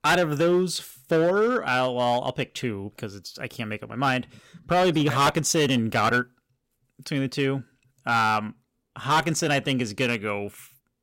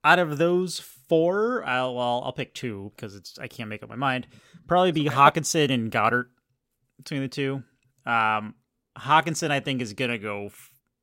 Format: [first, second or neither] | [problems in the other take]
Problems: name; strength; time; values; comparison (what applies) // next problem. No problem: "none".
second | distortion; heavy; 6% of the sound clipped